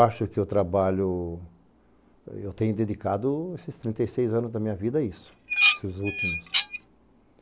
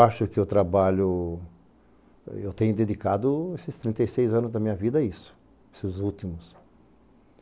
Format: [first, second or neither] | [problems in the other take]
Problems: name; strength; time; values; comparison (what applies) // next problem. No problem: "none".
second | background sound (Dishes, pots, and pans); as loud as the speech